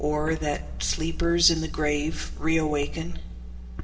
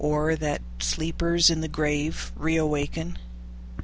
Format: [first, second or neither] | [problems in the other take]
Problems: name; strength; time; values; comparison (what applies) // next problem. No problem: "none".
second | background sound (Boom); 16 dB below the speech // room echo; dies away in 0.8 s